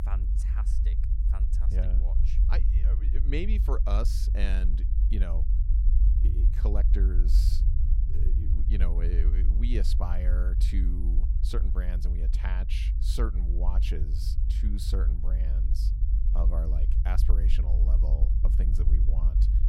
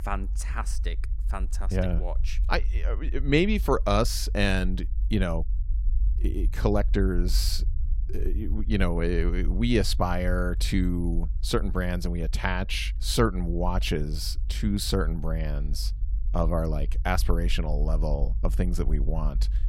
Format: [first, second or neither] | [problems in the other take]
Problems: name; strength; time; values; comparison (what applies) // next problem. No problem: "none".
second | low rumble; loud; throughout; 5 dB below the speech; faint in the second